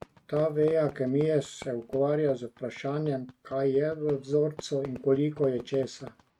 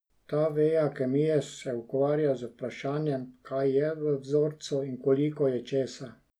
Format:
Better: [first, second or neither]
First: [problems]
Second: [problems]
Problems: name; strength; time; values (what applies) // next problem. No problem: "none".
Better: second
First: noise reduction (neural mask model RNNoise)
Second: none